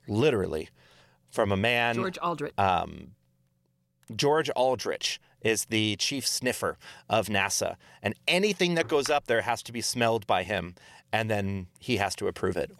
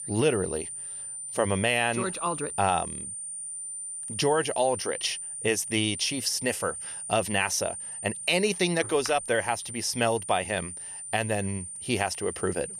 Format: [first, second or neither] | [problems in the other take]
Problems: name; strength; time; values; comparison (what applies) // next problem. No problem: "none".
first | high-pitched whine; loud; throughout; 9 kHz, 7 dB below the speech